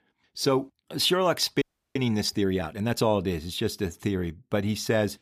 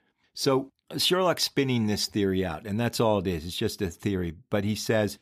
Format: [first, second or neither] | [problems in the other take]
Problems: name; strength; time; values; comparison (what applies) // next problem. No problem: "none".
second | audio freezing; at 1.5 s